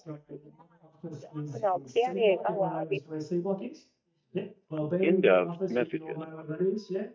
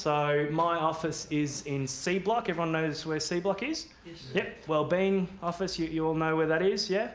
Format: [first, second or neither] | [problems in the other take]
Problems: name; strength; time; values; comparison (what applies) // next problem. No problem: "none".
second | noise reduction (neural mask model DeepFilterNet 3)